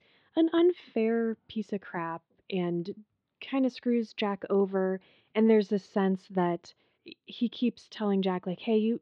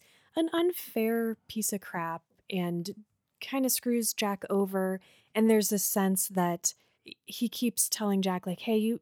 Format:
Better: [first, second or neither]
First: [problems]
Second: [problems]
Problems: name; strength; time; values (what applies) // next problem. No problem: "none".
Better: second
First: muffled; very; fading above 4 kHz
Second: none